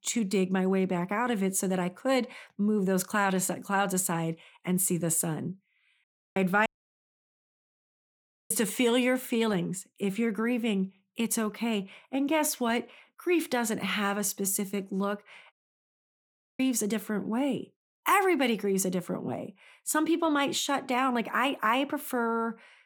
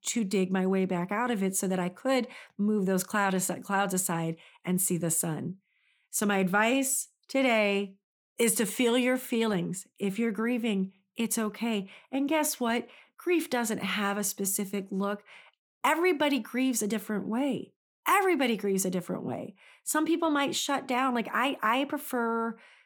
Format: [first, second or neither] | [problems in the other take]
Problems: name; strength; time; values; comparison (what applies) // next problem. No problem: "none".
second | audio cutting out; at 6 s, at 6.5 s for 2 s and at 16 s for 1 s